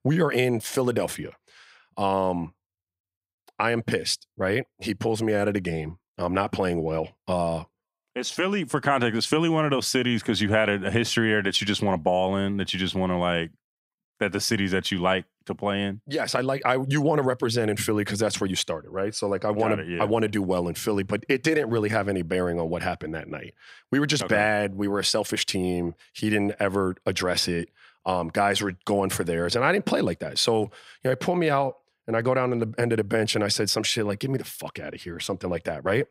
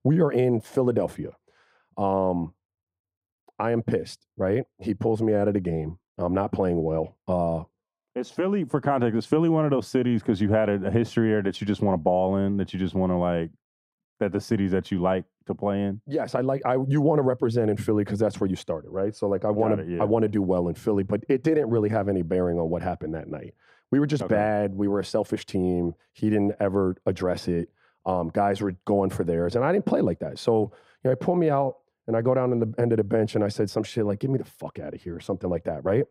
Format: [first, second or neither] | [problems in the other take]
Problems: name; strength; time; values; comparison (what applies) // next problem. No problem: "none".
first | muffled; slightly; fading above 1.5 kHz